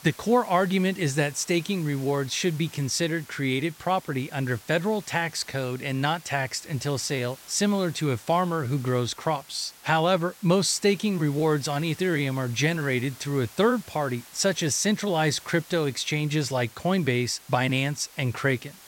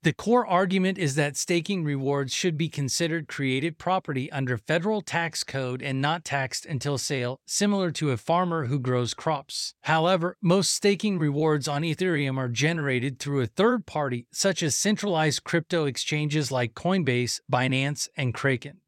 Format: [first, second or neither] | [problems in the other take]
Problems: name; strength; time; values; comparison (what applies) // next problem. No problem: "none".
second | hiss; faint; throughout; 20 dB below the speech